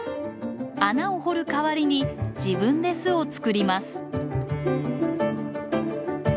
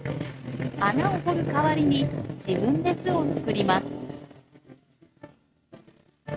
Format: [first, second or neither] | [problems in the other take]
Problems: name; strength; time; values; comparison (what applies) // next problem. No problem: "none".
first | noise reduction (neural mask model RNNoise)